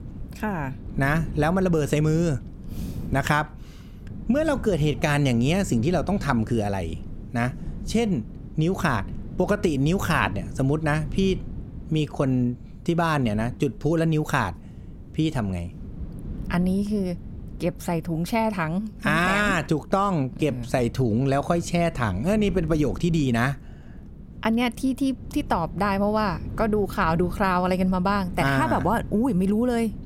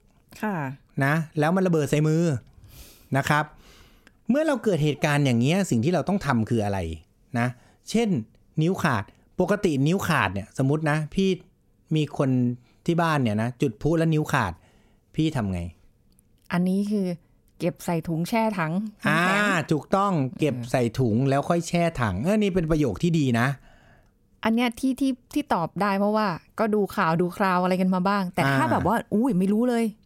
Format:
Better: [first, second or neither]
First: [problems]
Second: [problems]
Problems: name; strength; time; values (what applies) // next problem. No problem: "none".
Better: second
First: wind noise on the microphone; occasional gusts; 20 dB below the speech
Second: none